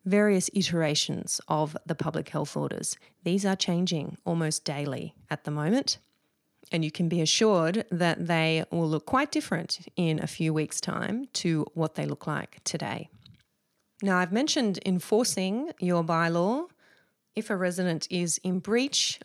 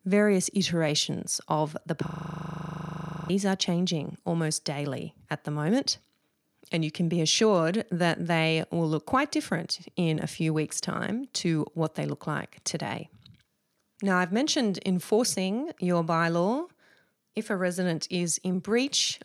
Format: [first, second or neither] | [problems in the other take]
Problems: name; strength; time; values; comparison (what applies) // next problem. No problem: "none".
first | audio freezing; at 2 s for 1 s